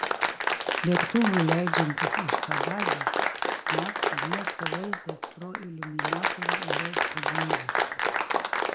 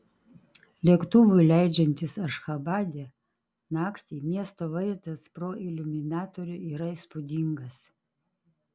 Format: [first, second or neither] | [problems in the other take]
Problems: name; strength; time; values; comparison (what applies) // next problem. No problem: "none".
second | background sound (Applause); 4 dB above the speech